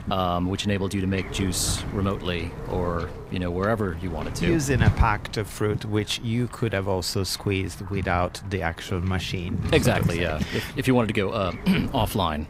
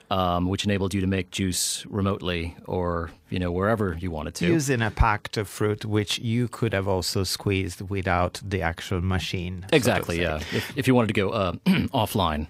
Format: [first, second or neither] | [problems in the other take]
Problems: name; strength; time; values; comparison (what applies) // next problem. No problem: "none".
second | wind noise on the microphone; occasional gusts; 15 dB below the speech